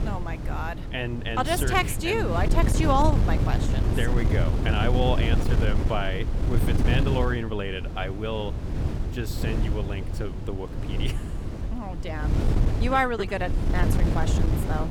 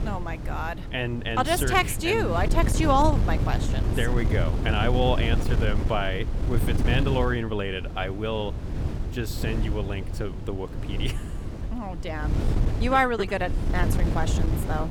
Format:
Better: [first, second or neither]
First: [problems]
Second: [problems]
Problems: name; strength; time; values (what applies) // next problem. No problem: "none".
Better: second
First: wind noise on the microphone; heavy; 7 dB below the speech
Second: wind noise on the microphone; occasional gusts; 10 dB below the speech